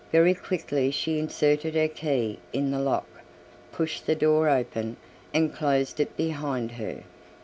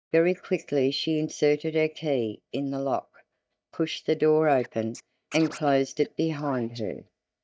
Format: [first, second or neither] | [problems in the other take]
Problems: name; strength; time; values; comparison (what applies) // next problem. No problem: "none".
first | noise reduction (neural mask model DeepFilterNet 3)